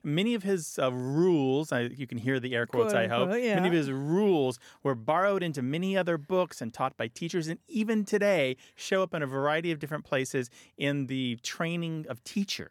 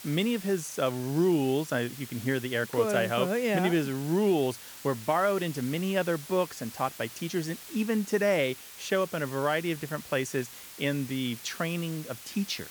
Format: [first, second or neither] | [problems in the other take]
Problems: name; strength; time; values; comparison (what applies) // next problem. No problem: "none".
first | hiss; noticeable; throughout; 15 dB below the speech